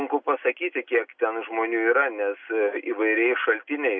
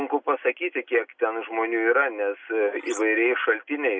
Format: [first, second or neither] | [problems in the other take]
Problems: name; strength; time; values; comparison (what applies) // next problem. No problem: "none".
first | noise reduction (neural mask model Resemble Enhance denoiser)